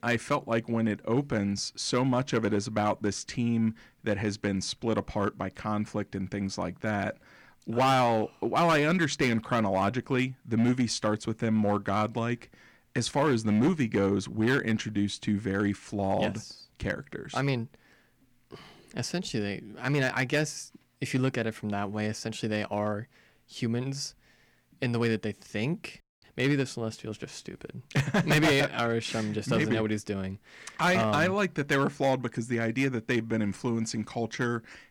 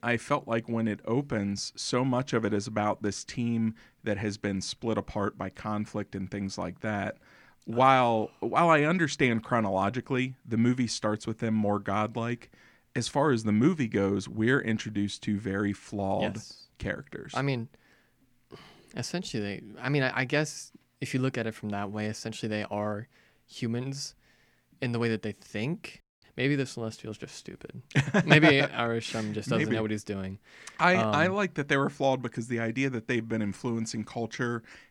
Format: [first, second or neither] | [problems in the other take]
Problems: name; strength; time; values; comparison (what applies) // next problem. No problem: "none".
second | distortion; slight; 4% of the sound clipped